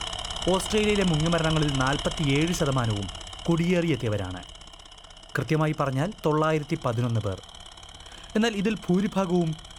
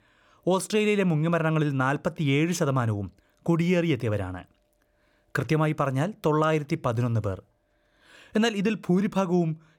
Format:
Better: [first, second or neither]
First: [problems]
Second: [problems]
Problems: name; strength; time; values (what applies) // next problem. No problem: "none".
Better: second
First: machinery noise; loud; throughout; 10 dB below the speech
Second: none